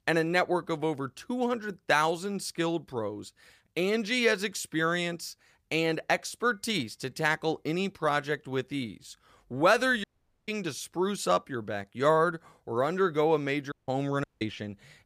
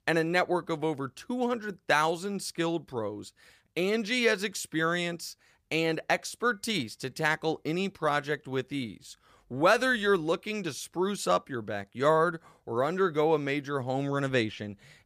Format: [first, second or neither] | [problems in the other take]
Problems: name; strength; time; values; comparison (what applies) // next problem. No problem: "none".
second | audio cutting out; at 10 s and at 14 s